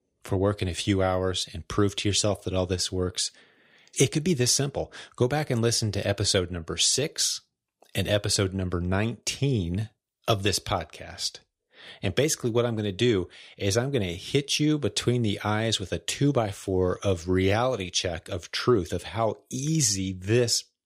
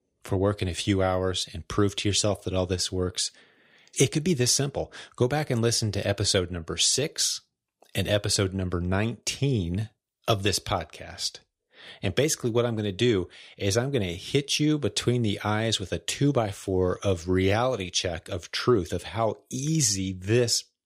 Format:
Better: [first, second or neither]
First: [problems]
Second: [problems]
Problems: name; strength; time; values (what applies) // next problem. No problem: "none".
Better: neither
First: none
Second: none